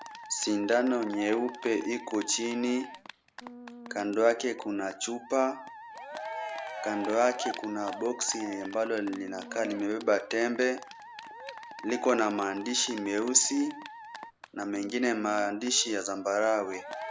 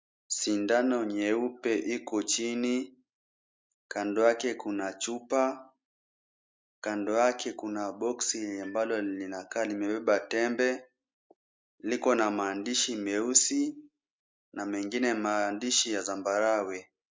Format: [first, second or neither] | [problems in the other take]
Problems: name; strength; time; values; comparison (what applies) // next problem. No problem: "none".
second | background sound (Musical instrument + Cheering); 12 dB below the speech